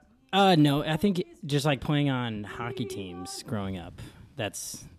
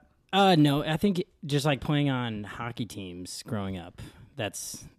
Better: second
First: rain or running water; noticeable; throughout; 20 dB below the speech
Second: none

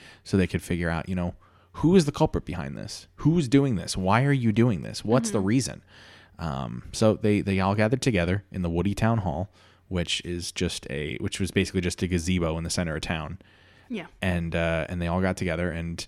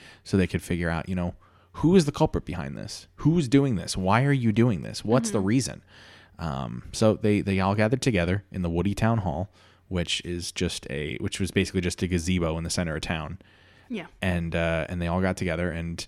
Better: neither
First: none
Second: none

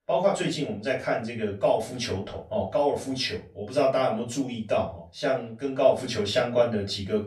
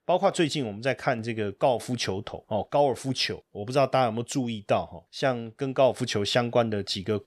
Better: second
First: off-mic speech; far // room echo; slight; dies away in 0.3 s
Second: none

